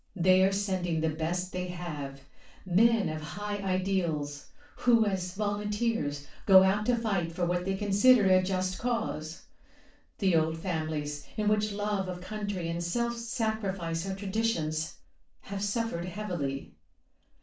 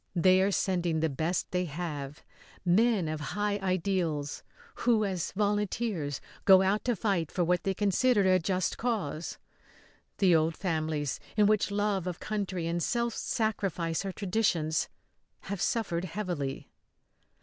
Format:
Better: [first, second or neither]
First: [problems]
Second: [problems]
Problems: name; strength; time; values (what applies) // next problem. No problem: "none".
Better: second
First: room echo; dies away in 0.3 s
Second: none